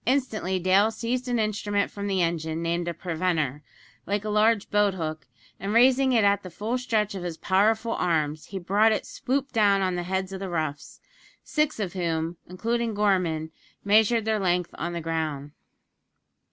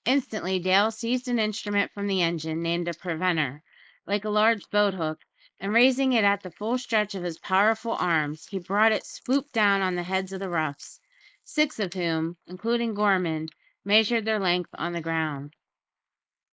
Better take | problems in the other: first | noise reduction (neural mask model Resemble Enhance denoiser)

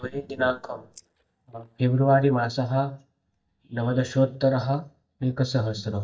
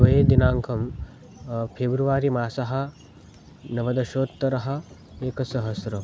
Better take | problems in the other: second | noise reduction (neural mask model DeepFilterNet 3)

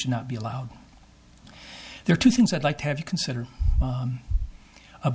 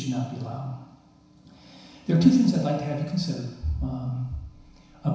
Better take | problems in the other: first | room echo; dies away in 1 s

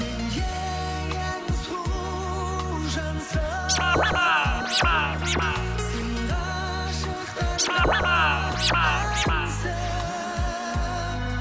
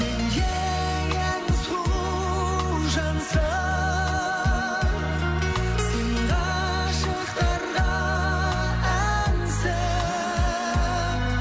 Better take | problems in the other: second | background sound (Scratching (performance technique)); 2 dB above the speech

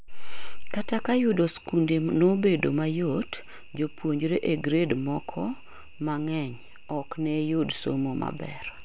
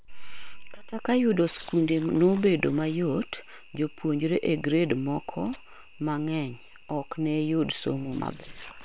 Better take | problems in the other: first | noise reduction (neural separator model SepFormer WHAM!)

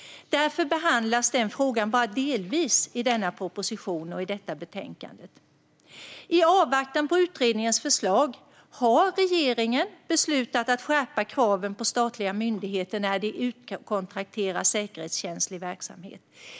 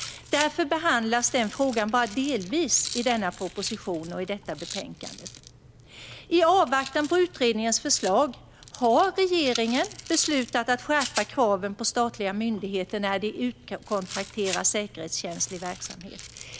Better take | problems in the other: first | background sound (Rattle); 15 dB below the speech

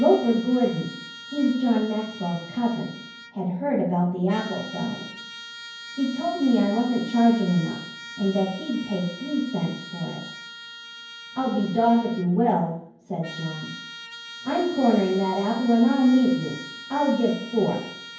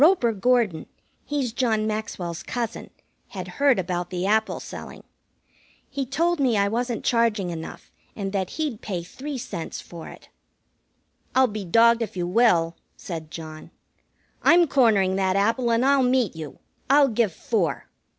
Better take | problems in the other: second | background sound (Trumpet); 16 dB below the speech // room echo; dies away in 0.9 s

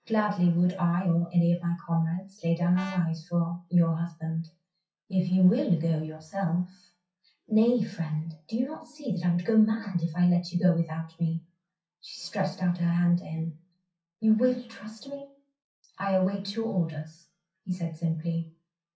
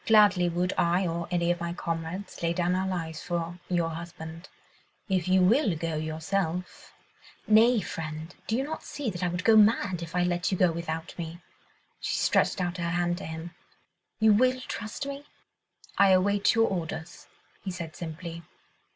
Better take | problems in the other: second | noise reduction (classical method WPE with log-MMSE)

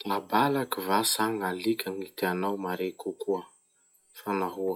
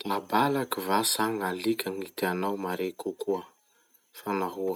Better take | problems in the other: second | noise reduction (classical method log-MMSE)

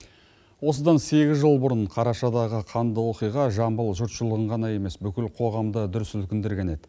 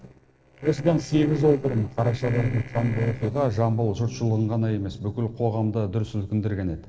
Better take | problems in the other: first | noise reduction (neural separator model SepFormer DNS4)

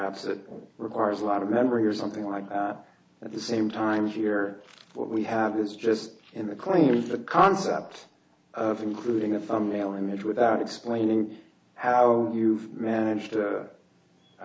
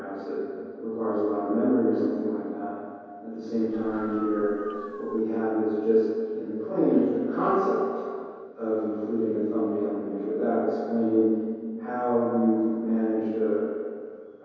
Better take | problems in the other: first | background sound (Dog); 15 dB below the speech // room echo; dies away in 2.2 s

